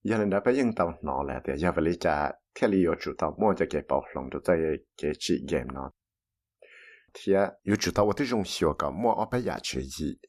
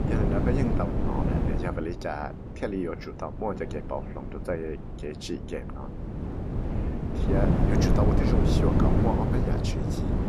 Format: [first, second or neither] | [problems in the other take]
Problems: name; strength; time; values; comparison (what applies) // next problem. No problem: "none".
first | wind noise on the microphone; heavy; 1 dB above the speech